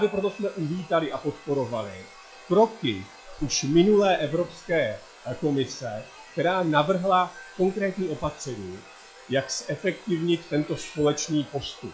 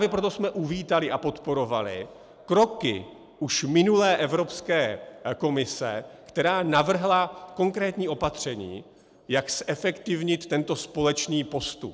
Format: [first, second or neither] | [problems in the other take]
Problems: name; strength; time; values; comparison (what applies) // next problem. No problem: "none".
second | noise reduction (classical method log-MMSE)